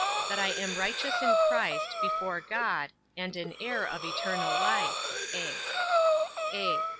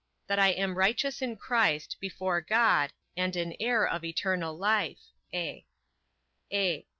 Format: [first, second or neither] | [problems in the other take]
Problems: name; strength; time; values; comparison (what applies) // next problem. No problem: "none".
second | background sound (Breathing); 4 dB above the speech